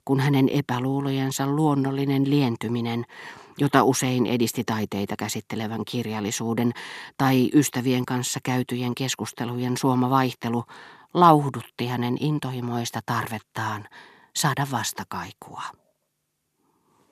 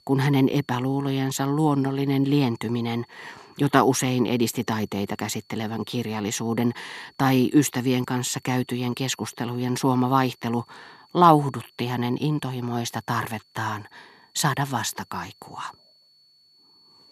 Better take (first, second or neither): first